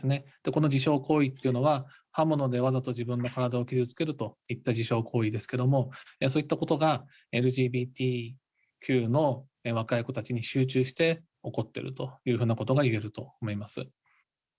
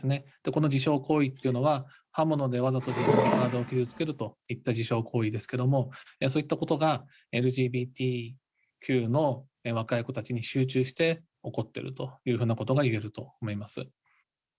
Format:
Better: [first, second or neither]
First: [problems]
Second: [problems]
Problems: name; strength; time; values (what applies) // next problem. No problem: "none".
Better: first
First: none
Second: background sound (Wood); as loud as the speech